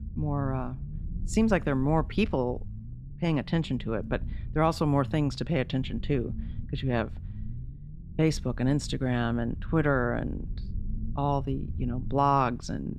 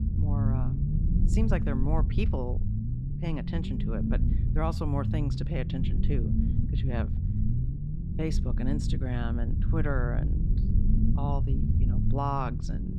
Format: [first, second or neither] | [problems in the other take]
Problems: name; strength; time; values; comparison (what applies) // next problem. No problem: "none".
first | low rumble; loud; throughout; 5 dB below the speech; faint in the first